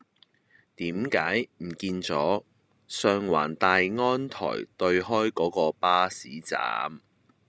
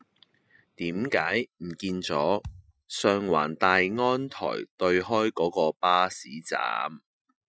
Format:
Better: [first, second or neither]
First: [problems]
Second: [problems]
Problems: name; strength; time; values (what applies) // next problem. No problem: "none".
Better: first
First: none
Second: noise reduction (classical method Wiener filter)